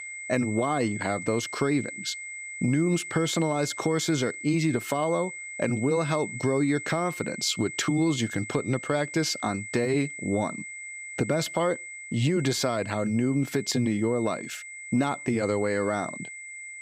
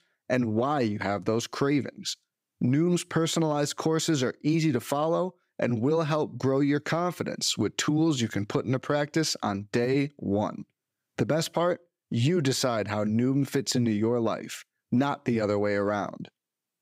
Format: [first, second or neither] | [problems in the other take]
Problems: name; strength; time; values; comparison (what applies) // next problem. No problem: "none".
second | high-pitched whine; loud; throughout; 2 kHz, 10 dB below the speech